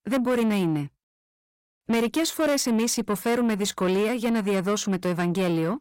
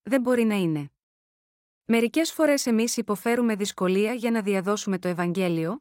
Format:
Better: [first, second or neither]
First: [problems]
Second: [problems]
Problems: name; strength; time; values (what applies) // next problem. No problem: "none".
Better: second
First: distortion; slight; 10 dB below the speech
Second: none